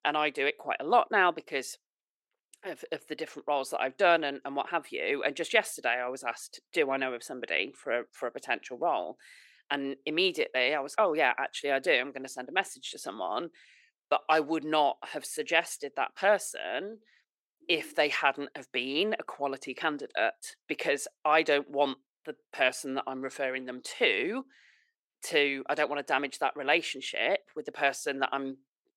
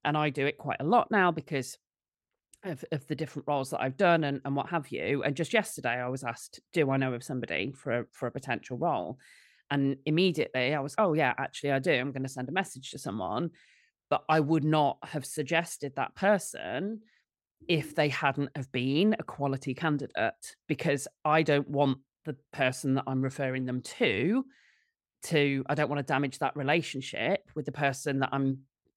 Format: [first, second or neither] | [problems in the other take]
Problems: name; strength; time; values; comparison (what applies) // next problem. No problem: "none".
second | thin; somewhat; fading below 350 Hz